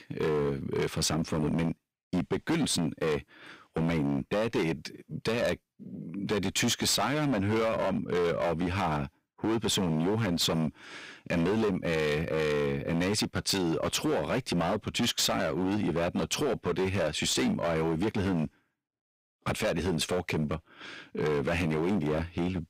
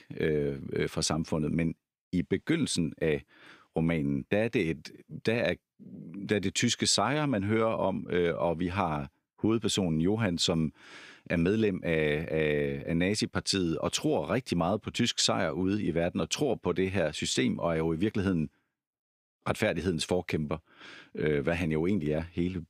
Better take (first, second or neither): second